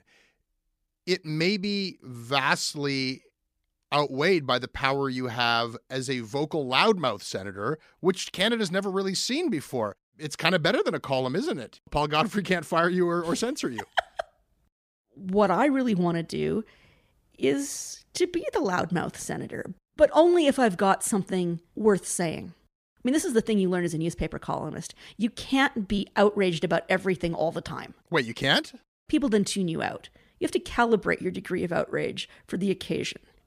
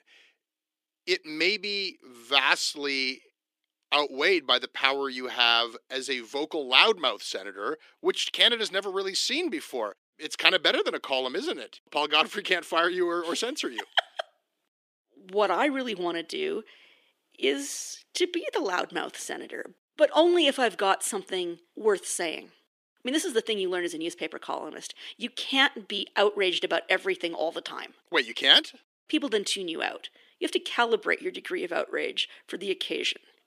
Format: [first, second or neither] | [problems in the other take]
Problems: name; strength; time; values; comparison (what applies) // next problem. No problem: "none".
first | thin; somewhat; fading below 300 Hz